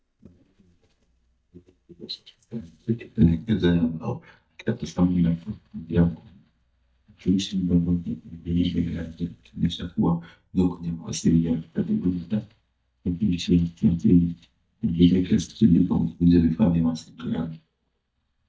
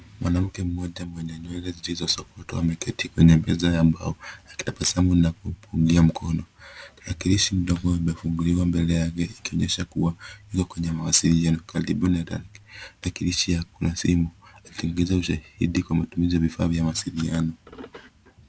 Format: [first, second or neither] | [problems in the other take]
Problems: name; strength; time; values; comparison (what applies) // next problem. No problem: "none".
second | noise reduction (neural mask model DeepFilterNet 3)